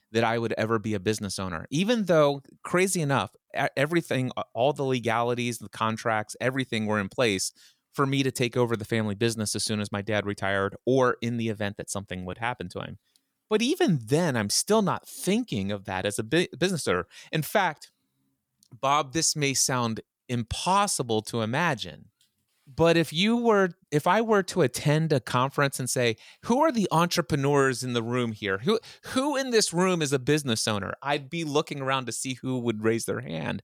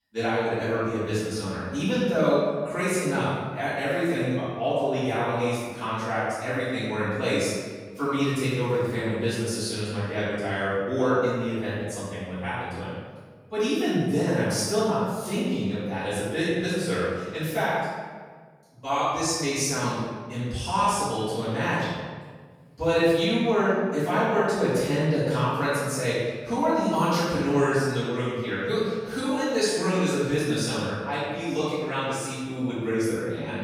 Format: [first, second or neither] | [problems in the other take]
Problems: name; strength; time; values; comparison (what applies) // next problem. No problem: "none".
first | room echo; strong; dies away in 1.4 s // off-mic speech; far